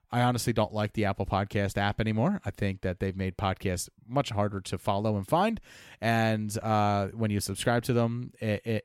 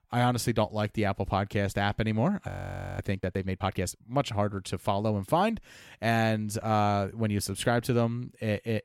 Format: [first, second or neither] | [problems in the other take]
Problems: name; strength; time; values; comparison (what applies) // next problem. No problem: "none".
first | audio freezing; at 2.5 s for 0.5 s